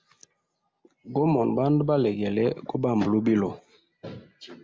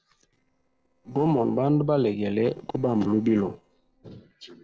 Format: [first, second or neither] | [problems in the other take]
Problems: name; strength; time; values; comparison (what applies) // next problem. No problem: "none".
first | noise reduction (neural separator model SepFormer DNS4)